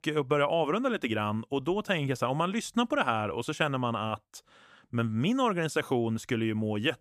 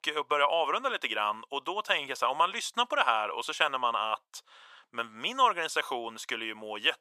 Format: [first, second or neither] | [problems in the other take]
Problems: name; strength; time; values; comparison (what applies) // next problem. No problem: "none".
first | thin; very; fading below 750 Hz